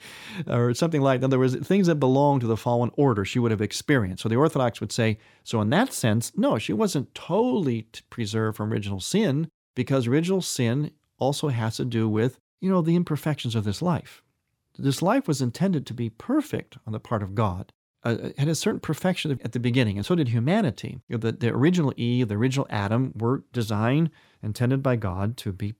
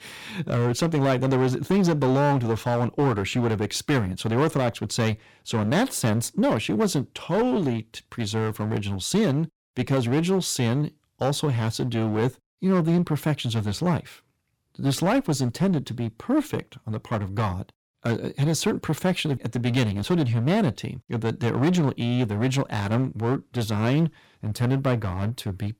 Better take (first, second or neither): first